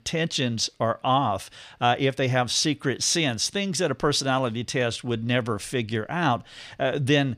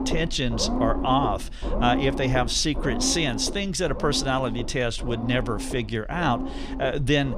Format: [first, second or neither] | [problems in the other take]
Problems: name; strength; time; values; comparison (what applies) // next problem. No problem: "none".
first | low rumble; loud; throughout; 9 dB below the speech